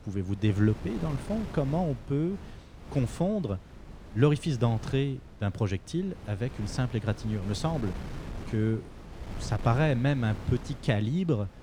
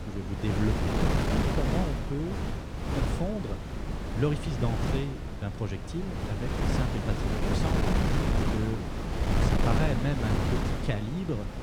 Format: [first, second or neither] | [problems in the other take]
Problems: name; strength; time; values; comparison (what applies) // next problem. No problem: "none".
first | wind noise on the microphone; heavy; 3 dB above the speech; occasional gusts in the first